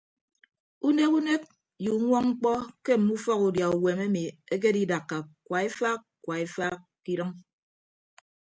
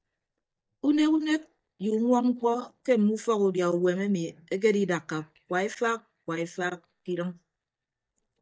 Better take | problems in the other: first | noise reduction (neural mask model DeepFilterNet 3)

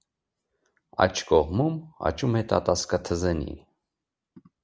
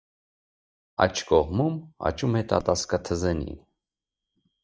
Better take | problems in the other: first | noise reduction (neural mask model DeepFilterNet 3)

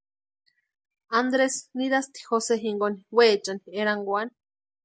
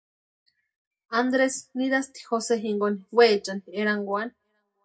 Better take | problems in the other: first | room echo; dies away in 0.2 s

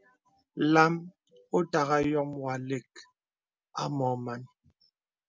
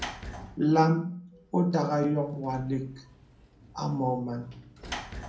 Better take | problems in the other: first | background sound (Sliding door / Slam); 15 dB below the speech // room echo; dies away in 0.6 s

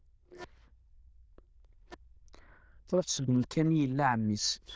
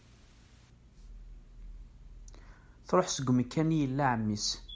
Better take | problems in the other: second | noise reduction (neural diffusion model UNIVERSE++)

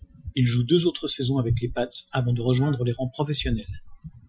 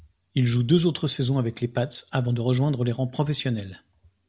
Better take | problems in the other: second | noise reduction (classical method Wiener filter)

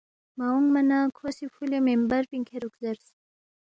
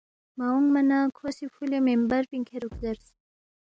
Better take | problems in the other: first | background sound (Bass drum); 19 dB below the speech

